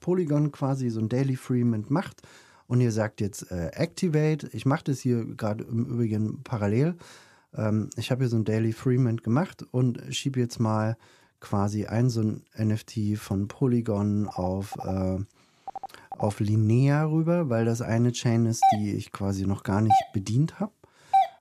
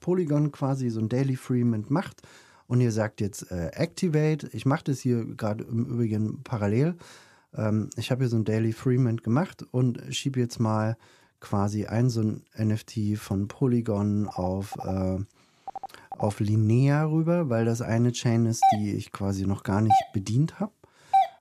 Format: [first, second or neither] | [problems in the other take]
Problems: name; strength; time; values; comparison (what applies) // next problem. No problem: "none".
neither | phone ringing; faint; from 14 to 16 s; peak 15 dB below the speech; the same in both // doorbell; loud; from 19 s on; peak 4 dB above the speech; the same in both